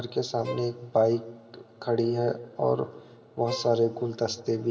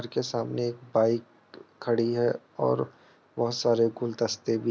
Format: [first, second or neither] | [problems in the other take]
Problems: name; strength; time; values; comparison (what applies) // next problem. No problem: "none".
second | background sound (Bowed string instrument); 14 dB below the speech // room echo; dies away in 2.8 s